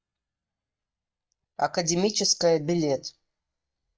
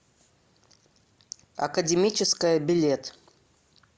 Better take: second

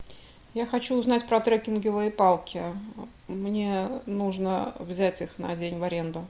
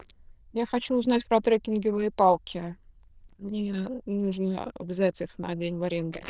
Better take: first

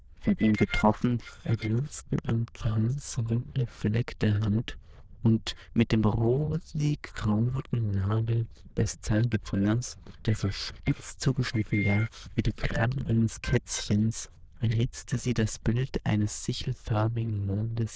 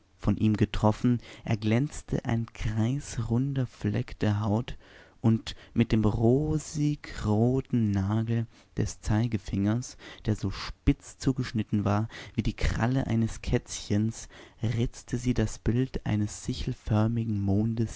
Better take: second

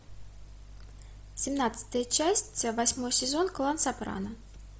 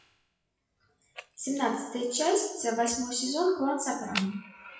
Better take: first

